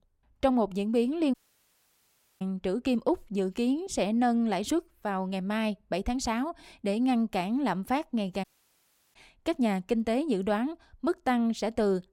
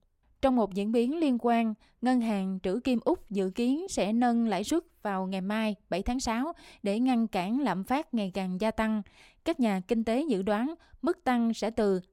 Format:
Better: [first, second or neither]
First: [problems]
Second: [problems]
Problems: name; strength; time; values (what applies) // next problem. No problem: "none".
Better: second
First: audio cutting out; at 1.5 s for 1 s and at 8.5 s for 0.5 s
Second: none